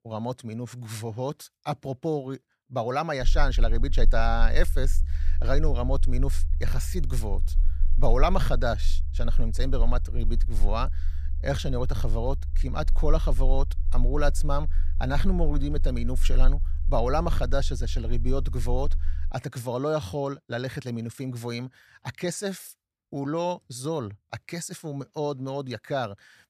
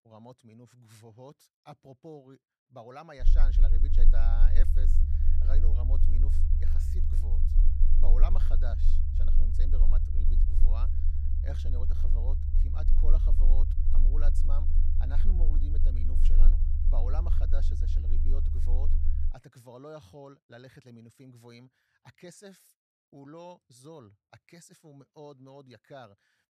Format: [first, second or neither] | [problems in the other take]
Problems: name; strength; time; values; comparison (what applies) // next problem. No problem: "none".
first | low rumble; loud; from 3 to 19 s; 2 dB below the speech; faint in the first